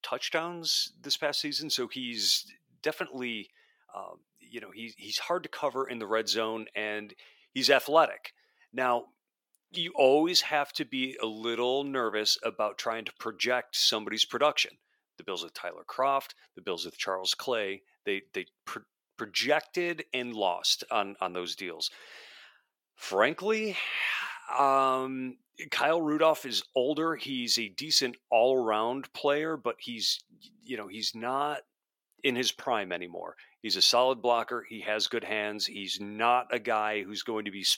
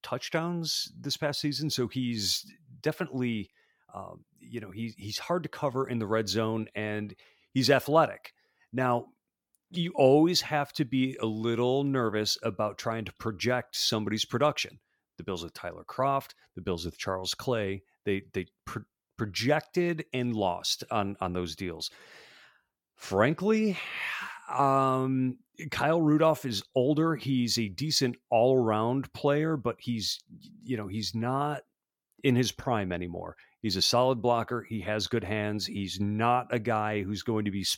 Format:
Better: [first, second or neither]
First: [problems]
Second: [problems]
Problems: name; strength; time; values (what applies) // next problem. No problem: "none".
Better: second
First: thin; somewhat; fading below 400 Hz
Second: none